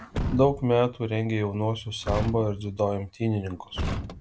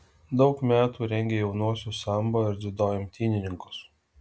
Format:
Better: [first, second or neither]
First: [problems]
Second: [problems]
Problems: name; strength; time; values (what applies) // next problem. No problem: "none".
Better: second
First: background sound (Truck); 8 dB below the speech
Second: none